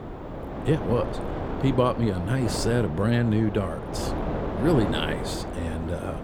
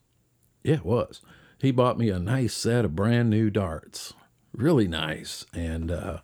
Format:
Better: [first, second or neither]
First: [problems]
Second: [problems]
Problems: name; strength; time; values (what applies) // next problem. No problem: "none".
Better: second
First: wind noise on the microphone; heavy; 5 dB below the speech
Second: none